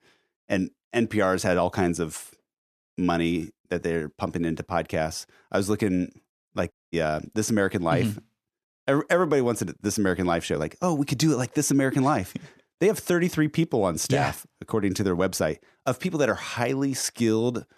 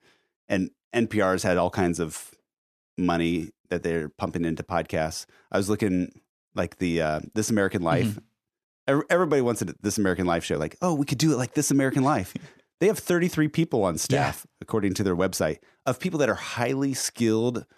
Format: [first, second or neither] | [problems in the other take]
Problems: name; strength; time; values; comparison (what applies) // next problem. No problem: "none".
second | audio cutting out; at 6.5 s